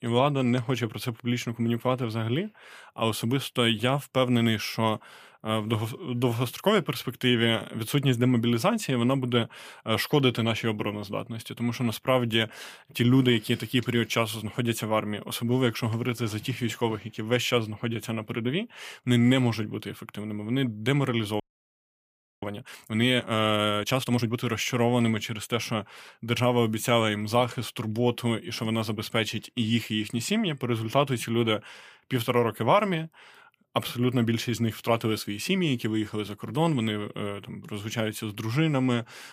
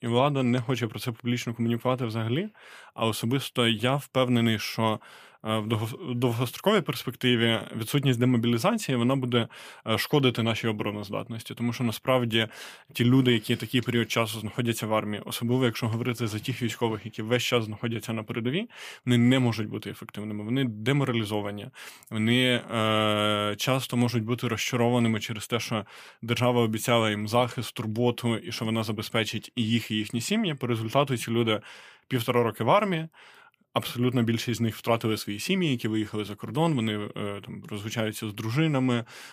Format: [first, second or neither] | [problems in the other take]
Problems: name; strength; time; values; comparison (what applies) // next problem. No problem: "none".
second | audio freezing; at 21 s for 1 s